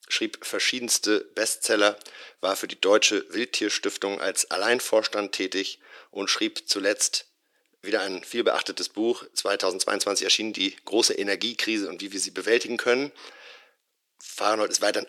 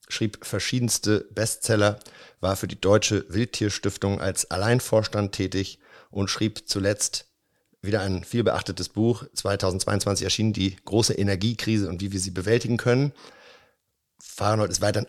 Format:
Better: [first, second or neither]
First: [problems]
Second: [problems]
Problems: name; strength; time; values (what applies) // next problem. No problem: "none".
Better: second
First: thin; somewhat; fading below 300 Hz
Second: none